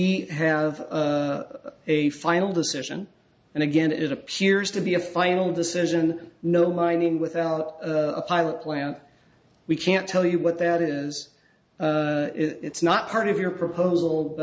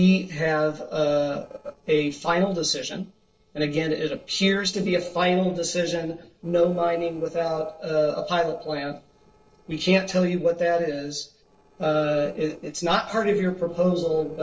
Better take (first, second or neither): first